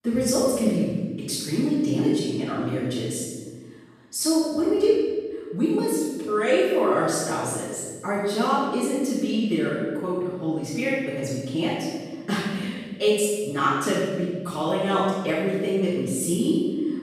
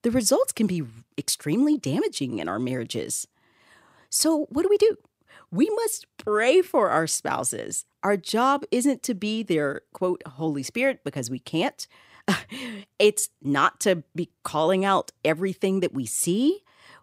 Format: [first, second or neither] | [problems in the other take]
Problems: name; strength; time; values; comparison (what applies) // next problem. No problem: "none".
second | off-mic speech; far // room echo; strong; dies away in 1.4 s